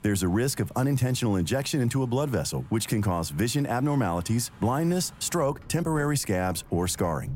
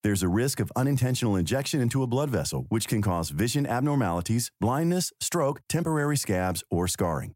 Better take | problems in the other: second | traffic noise; faint; throughout; 25 dB below the speech

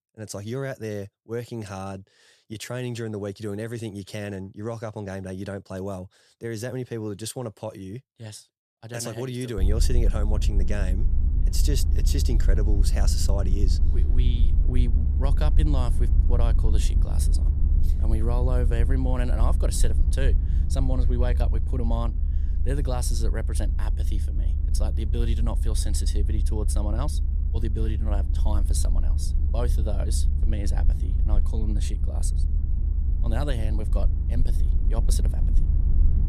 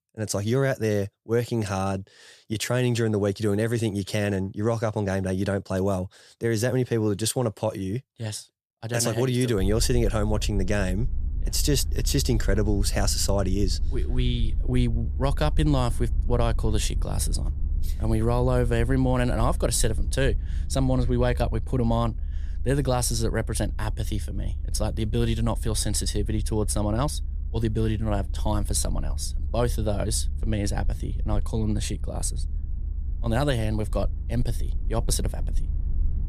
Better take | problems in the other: second | low rumble; loud; from 9.5 s on; 8 dB below the speech; faint in the second

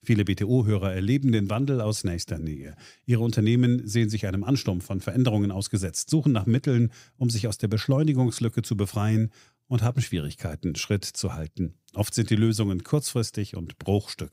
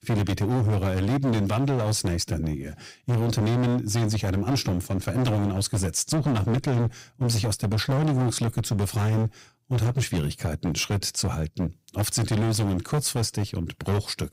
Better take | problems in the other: first | distortion; heavy; 22% of the sound clipped

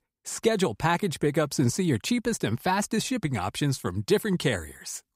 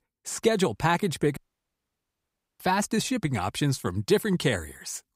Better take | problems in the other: first | audio cutting out; at 1.5 s for 1 s

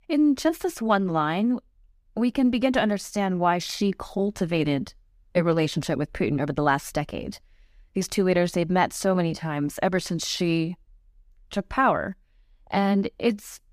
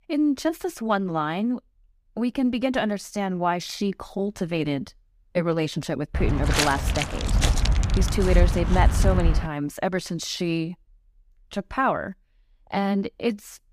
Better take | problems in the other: first | footsteps; loud; from 6 to 9.5 s; peak 5 dB above the speech

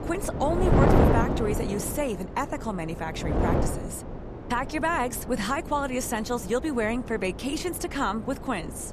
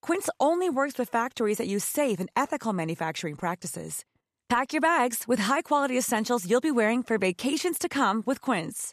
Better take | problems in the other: second | wind noise on the microphone; heavy; 2 dB below the speech

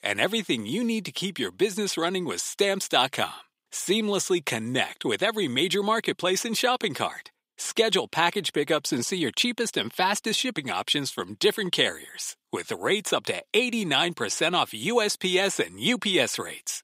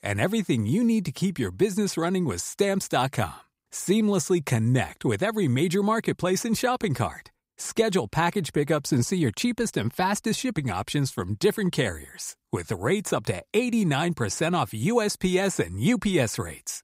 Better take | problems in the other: second | thin; very slightly; fading below 300 Hz

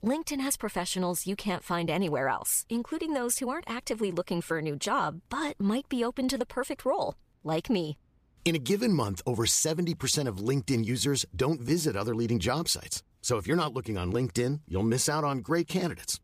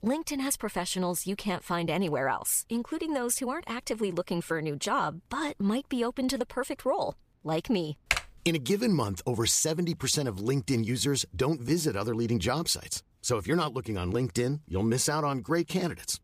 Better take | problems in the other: first | keyboard typing; noticeable; at 8 s; peak level with the speech

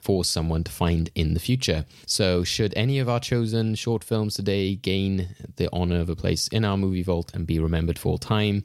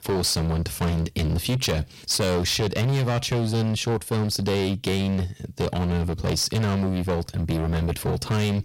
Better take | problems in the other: first | distortion; heavy; 23% of the sound clipped

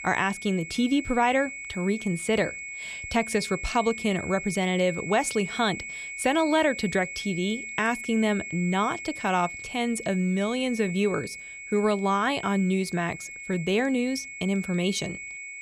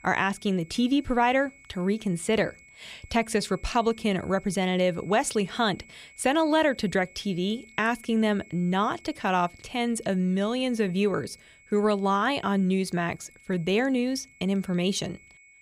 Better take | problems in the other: second | high-pitched whine; loud; throughout; 2 kHz, 9 dB below the speech; faint in the second

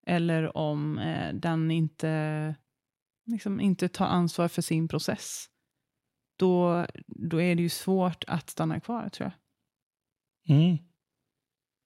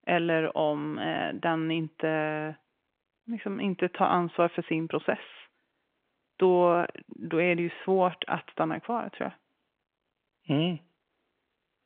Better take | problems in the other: first | phone-call audio

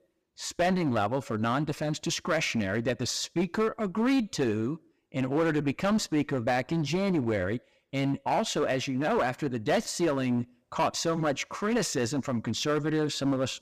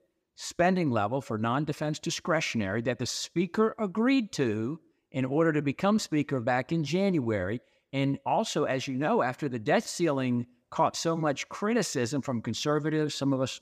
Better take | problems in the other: second | distortion; slight; 8% of the sound clipped

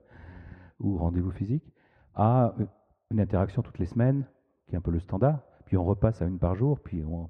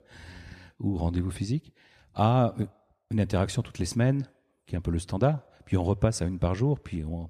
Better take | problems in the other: second | muffled; very; fading above 3 kHz

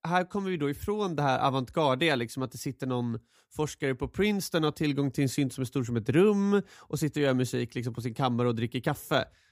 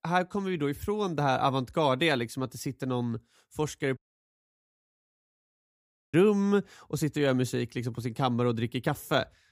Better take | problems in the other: first | audio cutting out; at 4 s for 2 s

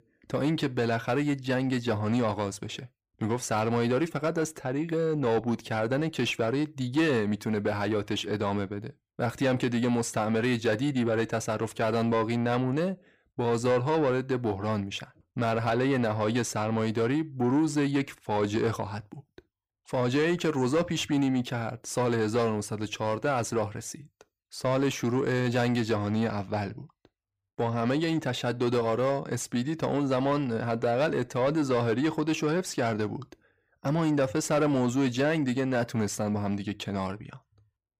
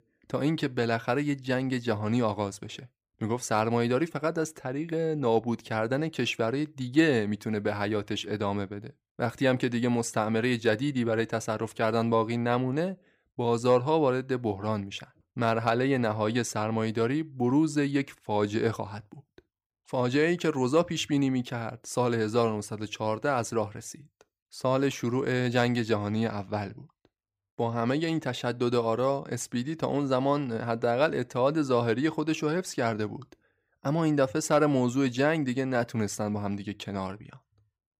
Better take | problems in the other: second | distortion; slight; 10 dB below the speech

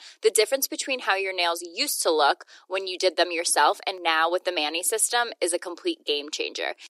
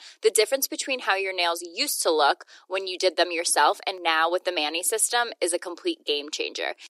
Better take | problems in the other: neither | thin; very; fading below 350 Hz; the same in both

